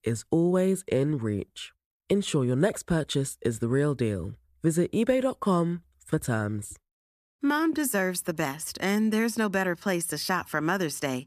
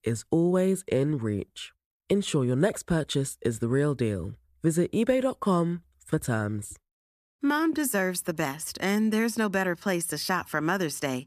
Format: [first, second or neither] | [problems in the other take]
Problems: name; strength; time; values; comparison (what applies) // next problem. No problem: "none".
neither | none